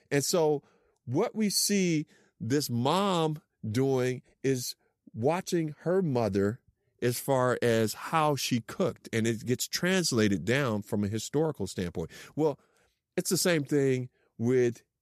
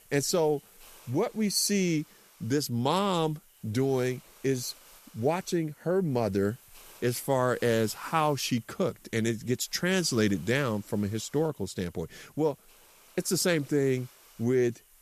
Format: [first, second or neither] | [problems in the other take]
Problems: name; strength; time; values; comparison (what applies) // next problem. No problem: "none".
first | hiss; faint; throughout; 25 dB below the speech